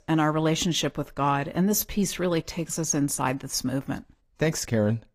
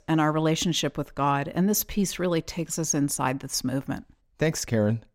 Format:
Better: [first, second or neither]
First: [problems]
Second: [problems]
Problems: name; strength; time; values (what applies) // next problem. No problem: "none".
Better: second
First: garbled, watery; slightly; nothing above 12.5 kHz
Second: none